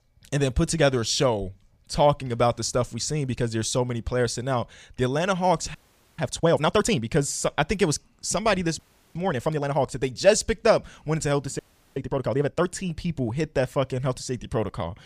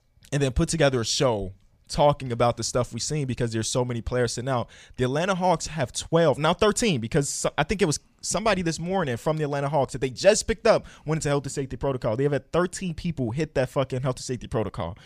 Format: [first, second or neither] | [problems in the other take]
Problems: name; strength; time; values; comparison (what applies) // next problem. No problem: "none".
second | audio freezing; at 6 s, at 9 s and at 12 s